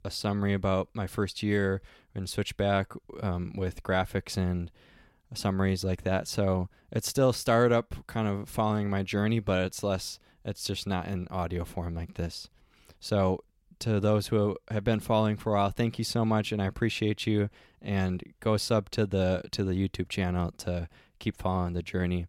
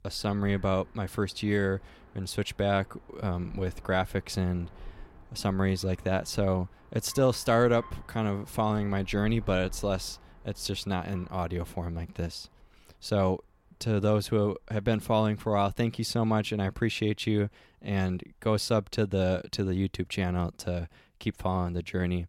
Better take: first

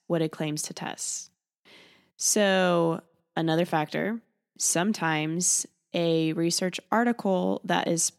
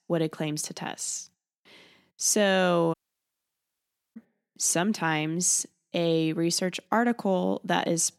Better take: first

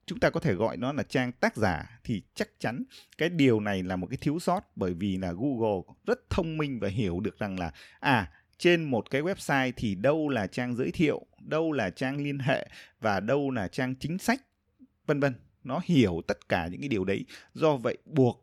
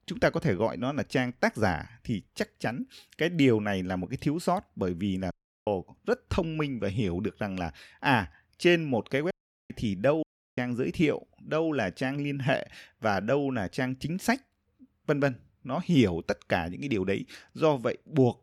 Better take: first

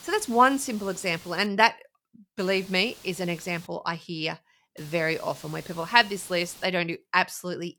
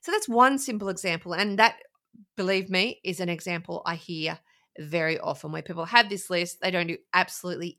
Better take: second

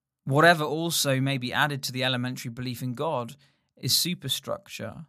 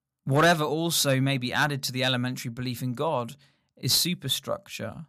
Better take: first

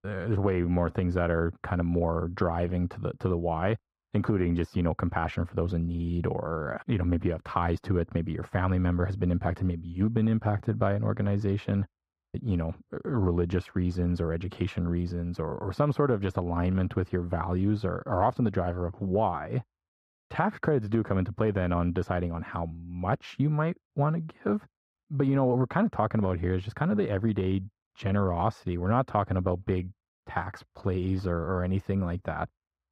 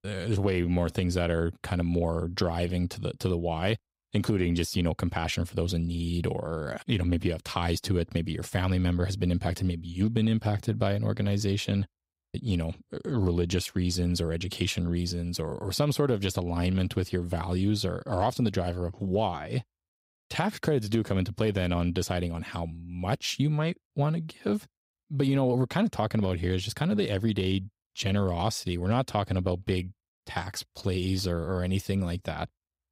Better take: second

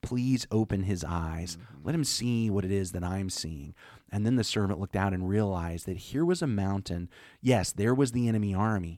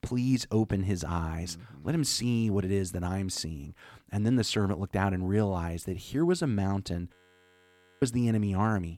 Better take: first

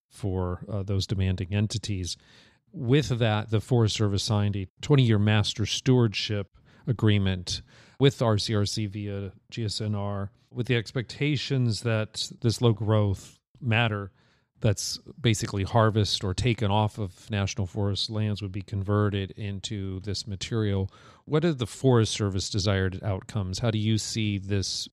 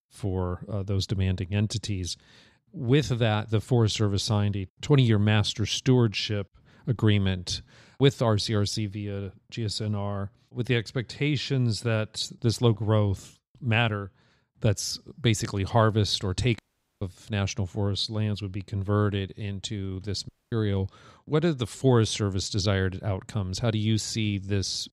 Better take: first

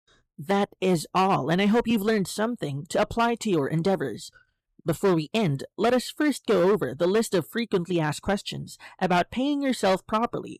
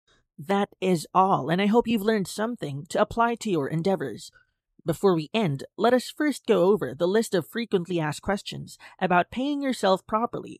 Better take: second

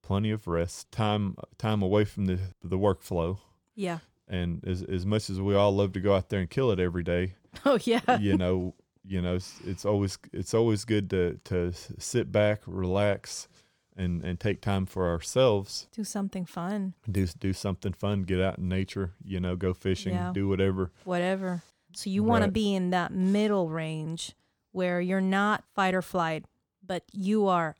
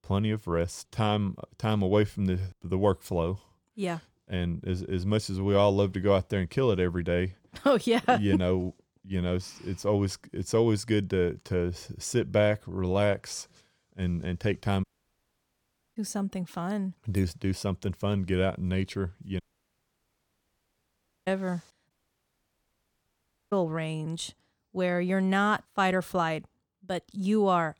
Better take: first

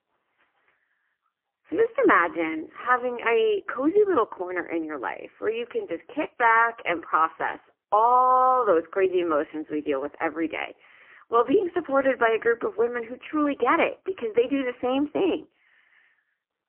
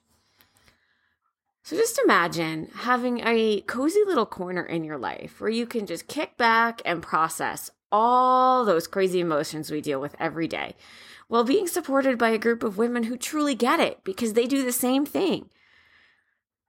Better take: second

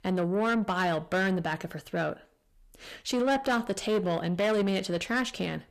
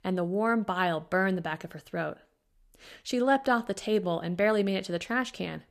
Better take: second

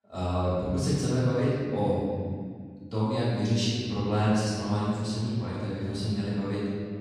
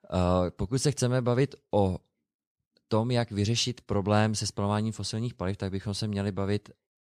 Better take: second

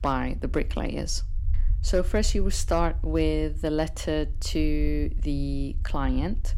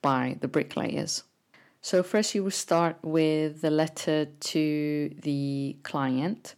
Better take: second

